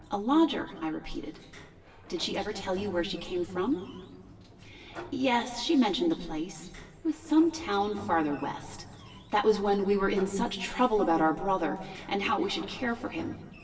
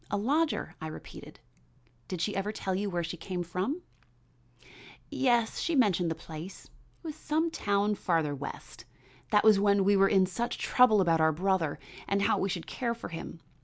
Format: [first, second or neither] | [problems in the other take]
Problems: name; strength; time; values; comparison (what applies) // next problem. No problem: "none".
second | background sound (Sliding door); 20 dB below the speech // room echo; dies away in 1.7 s